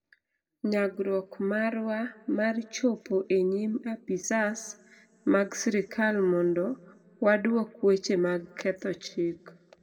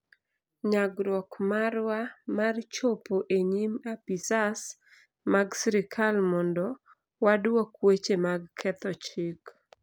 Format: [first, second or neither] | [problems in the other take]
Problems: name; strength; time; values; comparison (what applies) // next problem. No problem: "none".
second | room echo; dies away in 0.2 s